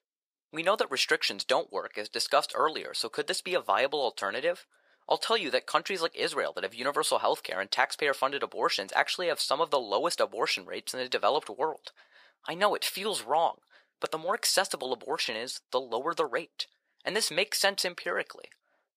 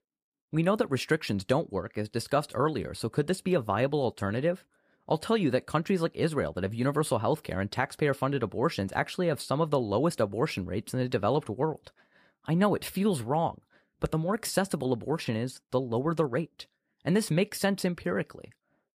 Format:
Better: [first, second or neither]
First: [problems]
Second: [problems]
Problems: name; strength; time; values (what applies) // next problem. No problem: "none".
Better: second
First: thin; very; fading below 650 Hz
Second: none